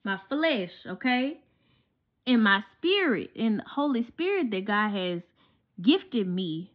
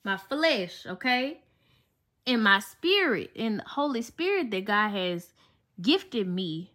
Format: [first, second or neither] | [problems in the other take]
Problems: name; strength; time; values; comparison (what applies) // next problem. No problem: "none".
second | muffled; slightly; fading above 3.5 kHz